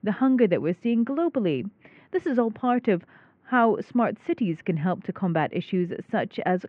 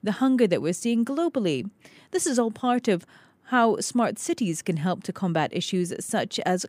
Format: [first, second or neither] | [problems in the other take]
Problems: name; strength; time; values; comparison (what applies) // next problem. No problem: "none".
second | muffled; very; fading above 2.5 kHz